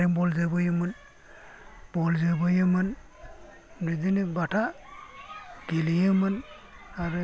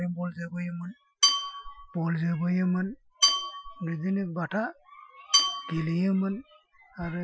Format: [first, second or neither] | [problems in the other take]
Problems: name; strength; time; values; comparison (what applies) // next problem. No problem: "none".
first | noise reduction (classical method Wiener filter)